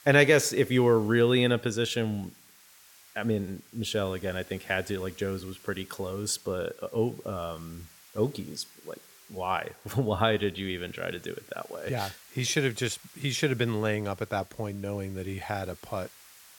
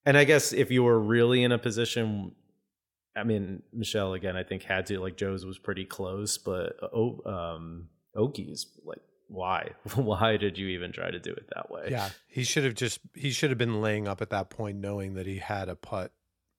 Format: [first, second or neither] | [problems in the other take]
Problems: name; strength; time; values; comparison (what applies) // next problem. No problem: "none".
second | hiss; faint; throughout; 25 dB below the speech